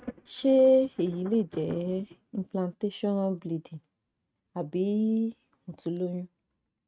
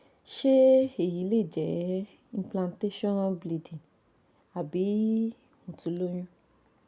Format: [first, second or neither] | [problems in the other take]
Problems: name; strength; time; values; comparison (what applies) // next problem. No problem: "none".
second | noise reduction (neural mask model RNNoise)